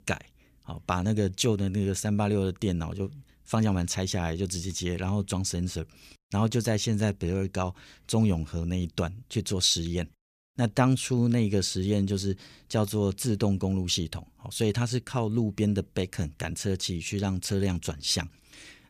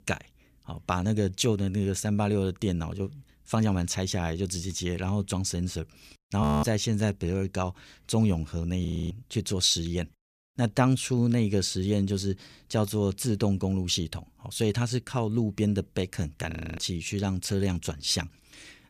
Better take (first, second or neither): first